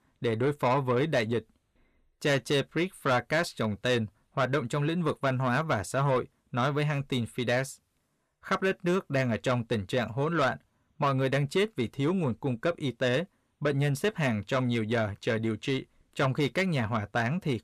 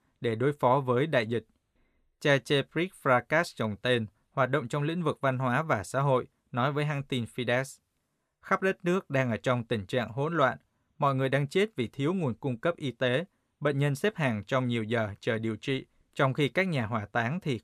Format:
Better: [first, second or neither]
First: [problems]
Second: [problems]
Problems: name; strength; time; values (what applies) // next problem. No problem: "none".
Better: second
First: distortion; slight; 10 dB below the speech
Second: none